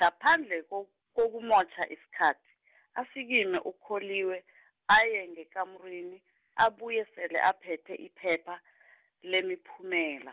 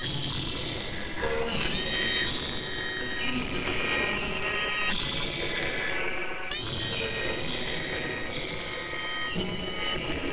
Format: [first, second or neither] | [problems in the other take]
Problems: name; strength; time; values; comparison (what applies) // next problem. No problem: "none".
first | noise reduction (neural separator model SepFormer WHAMR!)